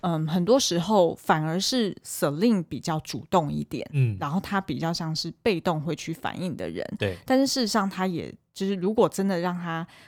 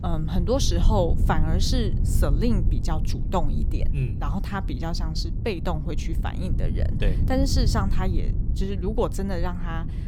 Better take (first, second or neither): first